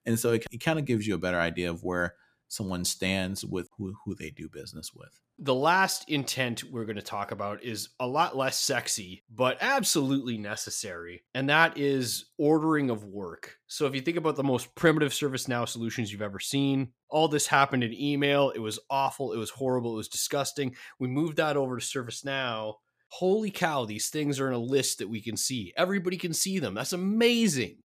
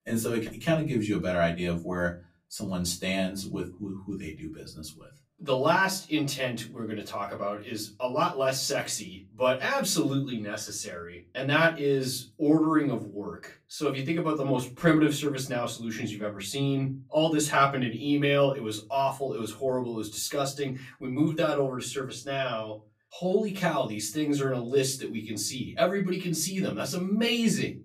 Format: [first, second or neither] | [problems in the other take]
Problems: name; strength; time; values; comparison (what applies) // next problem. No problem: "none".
first | off-mic speech; far // room echo; very slight; dies away in 0.2 s